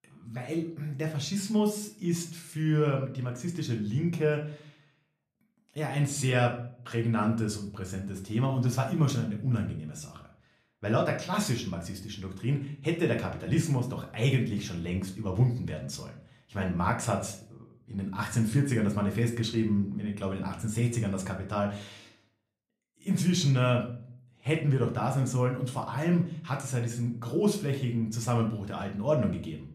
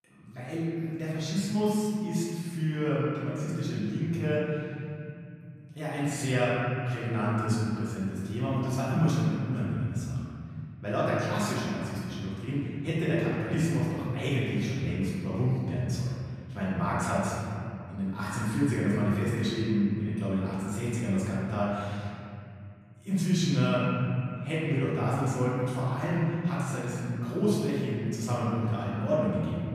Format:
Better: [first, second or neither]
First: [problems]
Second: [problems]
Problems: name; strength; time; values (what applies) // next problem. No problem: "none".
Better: first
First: room echo; slight; dies away in 0.4 s // off-mic speech; somewhat distant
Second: room echo; strong; dies away in 2.7 s // off-mic speech; far